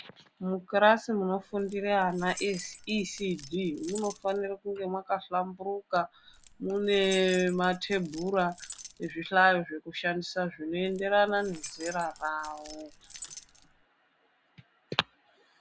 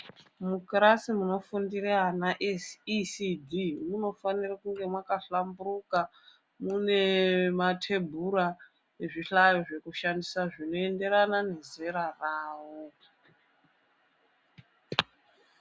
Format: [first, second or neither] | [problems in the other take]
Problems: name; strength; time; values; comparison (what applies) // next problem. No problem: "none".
second | background sound (Keys jangling); 17 dB below the speech